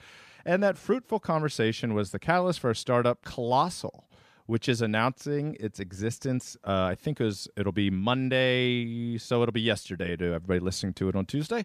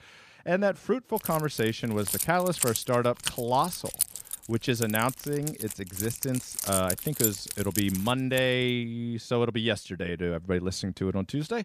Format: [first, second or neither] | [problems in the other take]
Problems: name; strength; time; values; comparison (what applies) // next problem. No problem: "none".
first | jangling keys; loud; from 1 to 8.5 s; peak 2 dB above the speech